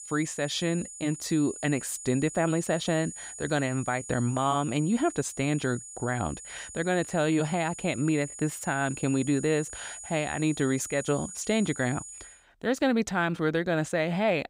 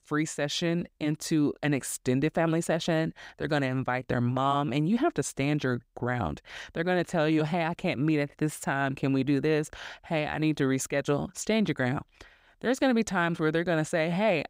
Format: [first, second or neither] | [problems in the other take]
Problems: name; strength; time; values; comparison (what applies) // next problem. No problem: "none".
second | high-pitched whine; noticeable; until 12 s; 7 kHz, 10 dB below the speech